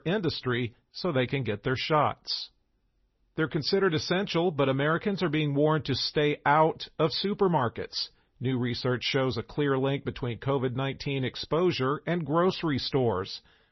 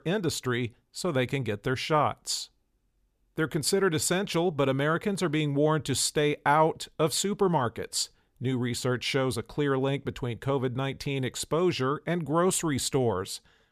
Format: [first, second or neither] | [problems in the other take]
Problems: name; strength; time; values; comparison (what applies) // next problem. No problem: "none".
second | garbled, watery; slightly; nothing above 5.5 kHz